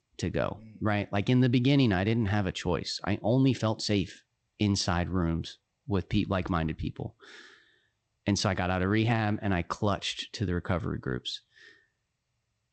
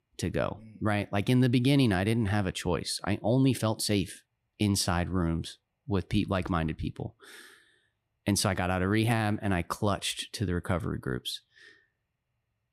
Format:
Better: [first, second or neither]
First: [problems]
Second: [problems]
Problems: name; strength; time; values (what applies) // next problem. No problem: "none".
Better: second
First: garbled, watery; slightly; nothing above 8 kHz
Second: none